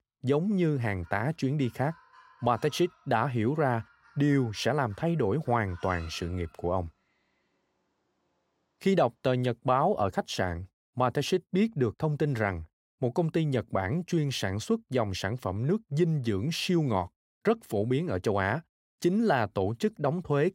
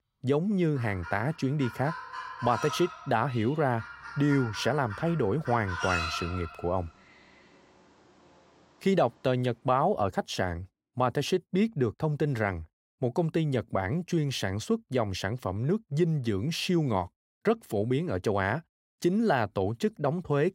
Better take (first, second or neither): first